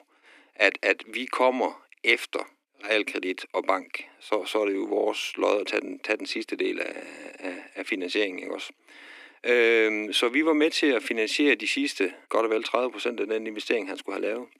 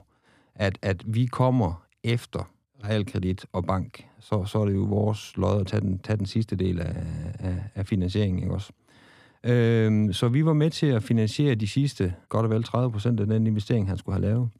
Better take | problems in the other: second | thin; very; fading below 300 Hz

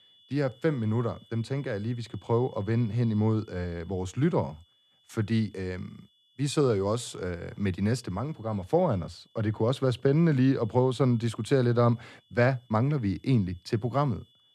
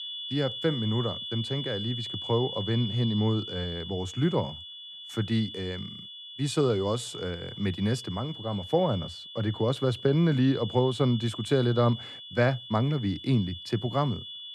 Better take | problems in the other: first | high-pitched whine; loud; throughout; 3.5 kHz, 9 dB below the speech; faint in the first

